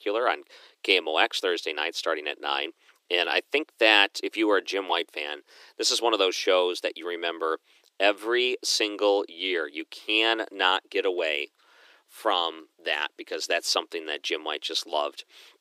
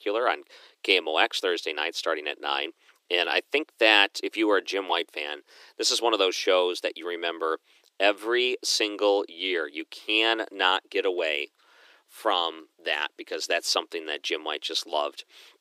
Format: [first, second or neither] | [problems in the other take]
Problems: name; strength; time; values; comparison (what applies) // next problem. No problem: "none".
neither | thin; very; fading below 300 Hz; the same in both